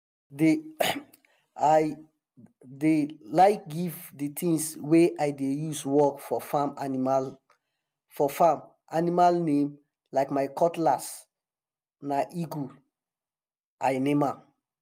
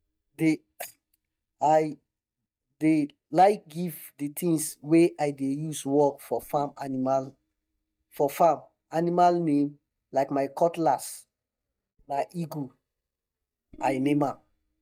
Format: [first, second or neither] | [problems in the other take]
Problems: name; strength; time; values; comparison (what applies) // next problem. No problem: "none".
first | noise reduction (neural mask model DeepFilterNet 3)